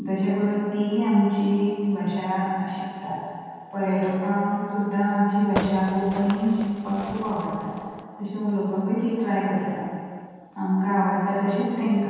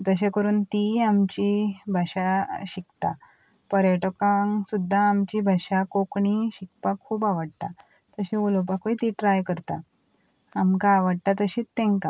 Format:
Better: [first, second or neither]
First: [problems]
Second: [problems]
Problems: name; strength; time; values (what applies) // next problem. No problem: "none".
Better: second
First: background sound (Fireworks); 10 dB below the speech // room echo; dies away in 2.1 s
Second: none